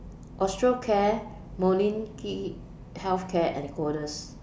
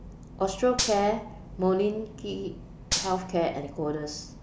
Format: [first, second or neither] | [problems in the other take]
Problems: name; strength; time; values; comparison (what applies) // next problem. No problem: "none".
first | background sound (Gunshot, gunfire); 6 dB below the speech